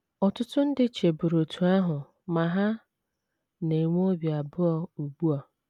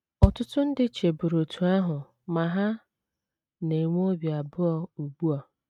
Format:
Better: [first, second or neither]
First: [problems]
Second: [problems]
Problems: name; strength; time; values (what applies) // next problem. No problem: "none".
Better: first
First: none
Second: noise reduction (neural mask model RNNoise)